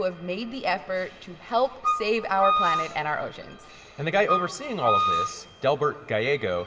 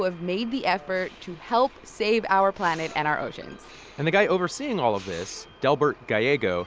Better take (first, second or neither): second